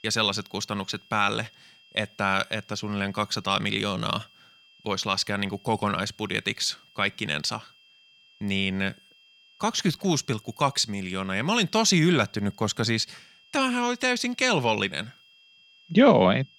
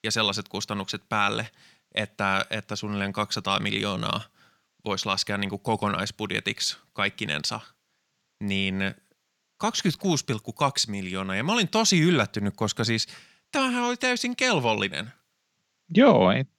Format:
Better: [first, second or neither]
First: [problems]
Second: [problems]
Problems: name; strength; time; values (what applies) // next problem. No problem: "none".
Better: second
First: high-pitched whine; faint; throughout; 3 kHz, 30 dB below the speech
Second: none